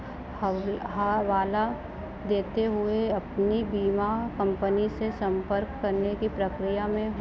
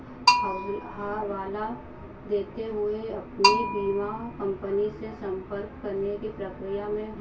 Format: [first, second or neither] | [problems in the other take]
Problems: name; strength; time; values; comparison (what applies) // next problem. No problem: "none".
first | background sound (Bell); as loud as the speech // room echo; dies away in 0.1 s